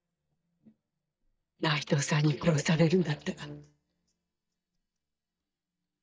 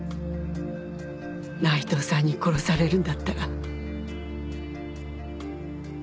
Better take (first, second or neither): second